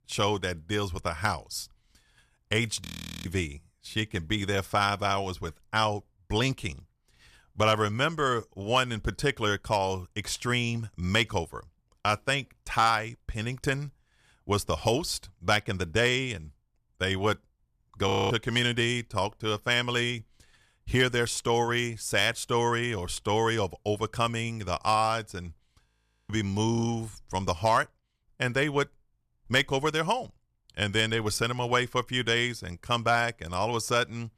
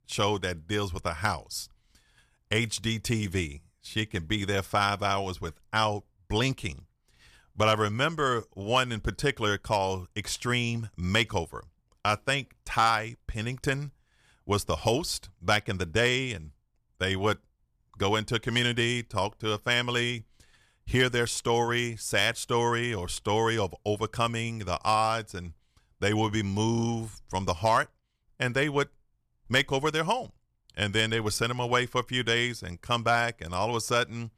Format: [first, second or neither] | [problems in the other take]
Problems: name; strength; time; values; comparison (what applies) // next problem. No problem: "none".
second | audio freezing; at 3 s, at 18 s and at 26 s